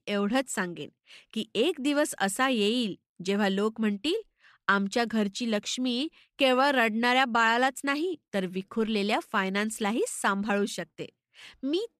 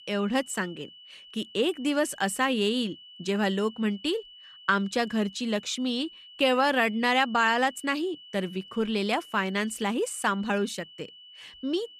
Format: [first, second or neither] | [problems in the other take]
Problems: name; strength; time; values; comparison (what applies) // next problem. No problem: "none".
first | high-pitched whine; noticeable; throughout; 3 kHz, 20 dB below the speech